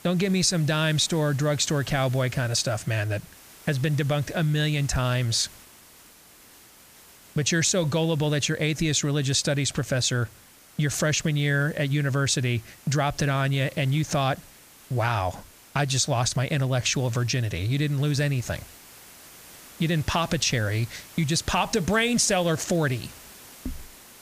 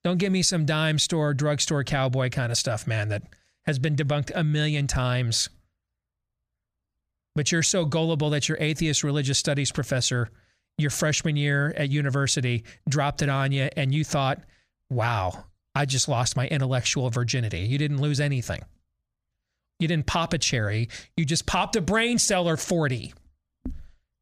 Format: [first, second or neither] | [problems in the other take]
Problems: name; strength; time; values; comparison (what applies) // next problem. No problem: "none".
second | hiss; faint; throughout; 20 dB below the speech